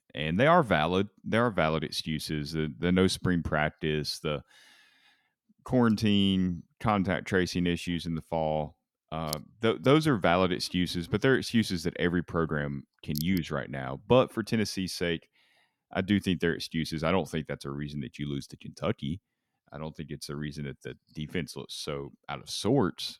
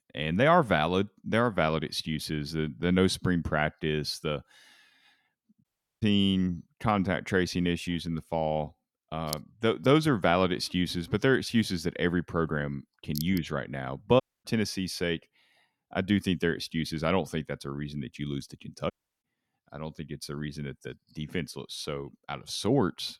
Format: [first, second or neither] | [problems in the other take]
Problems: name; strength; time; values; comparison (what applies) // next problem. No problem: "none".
first | audio cutting out; at 5.5 s, at 14 s and at 19 s